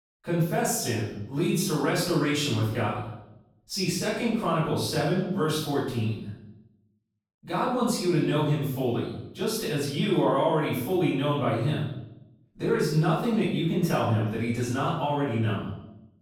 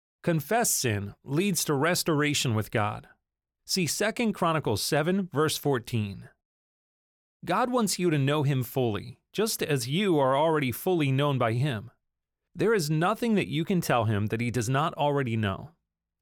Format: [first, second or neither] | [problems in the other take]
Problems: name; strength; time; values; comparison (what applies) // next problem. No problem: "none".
second | off-mic speech; far // room echo; noticeable; dies away in 0.7 s